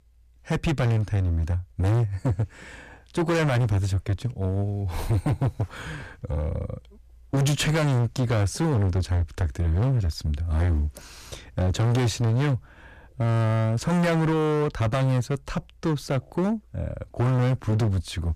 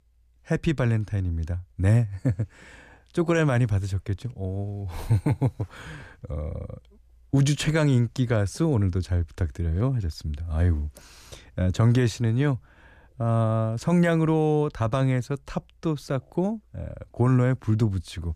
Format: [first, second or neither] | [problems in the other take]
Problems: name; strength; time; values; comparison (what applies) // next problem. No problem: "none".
second | distortion; heavy; 19% of the sound clipped